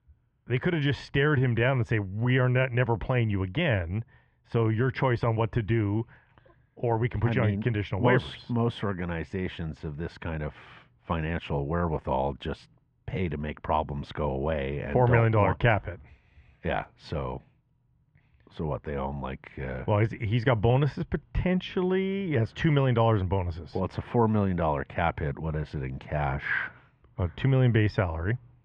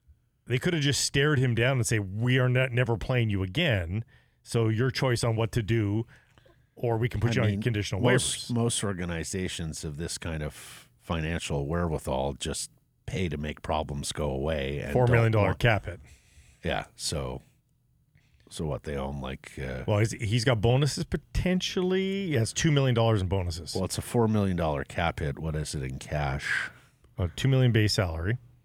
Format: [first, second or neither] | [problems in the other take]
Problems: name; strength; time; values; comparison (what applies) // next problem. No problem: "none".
second | muffled; very; fading above 2.5 kHz